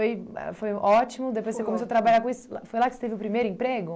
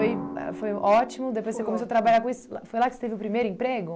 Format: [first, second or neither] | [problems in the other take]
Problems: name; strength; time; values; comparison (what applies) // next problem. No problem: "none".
first | background sound (Drum); 14 dB below the speech